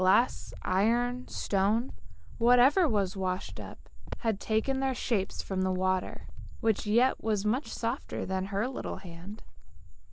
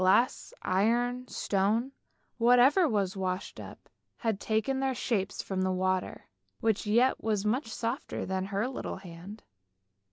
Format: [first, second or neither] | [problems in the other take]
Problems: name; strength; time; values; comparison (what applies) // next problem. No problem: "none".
second | background sound (Cricket); 4 dB below the speech